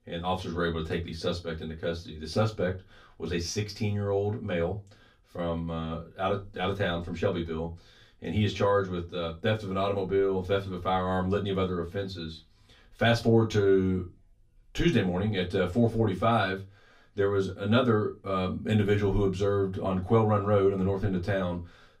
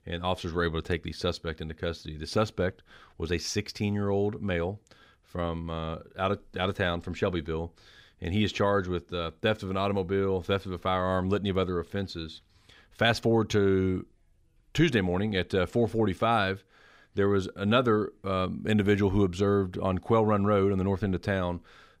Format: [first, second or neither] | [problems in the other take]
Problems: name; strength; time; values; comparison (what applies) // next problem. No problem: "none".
second | off-mic speech; far // room echo; very slight; dies away in 0.2 s